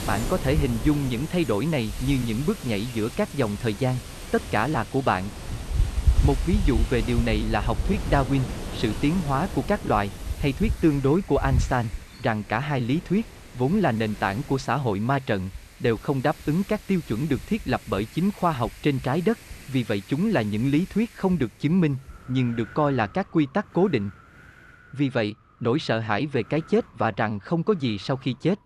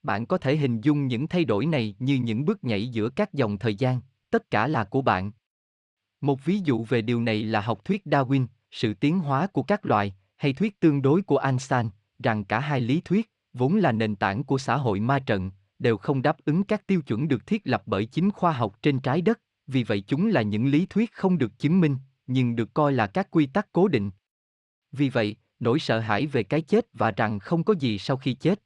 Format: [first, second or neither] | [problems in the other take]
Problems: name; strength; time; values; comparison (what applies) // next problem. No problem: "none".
second | wind in the background; loud; throughout; 8 dB below the speech